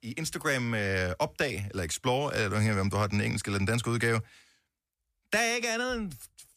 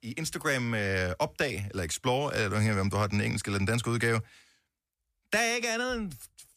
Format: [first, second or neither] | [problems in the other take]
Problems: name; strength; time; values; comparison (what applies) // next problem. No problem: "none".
neither | none